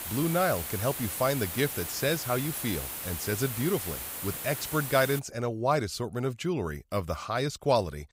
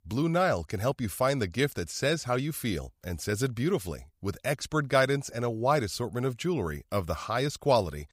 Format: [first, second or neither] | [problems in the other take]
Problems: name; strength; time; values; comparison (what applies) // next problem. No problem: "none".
second | hiss; loud; until 5 s; 5 dB below the speech